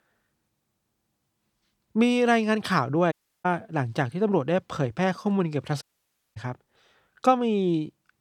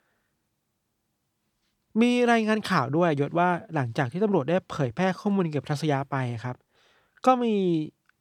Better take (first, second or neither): second